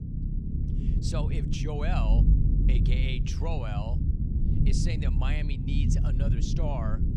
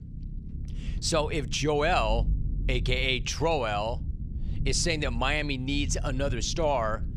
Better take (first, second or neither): second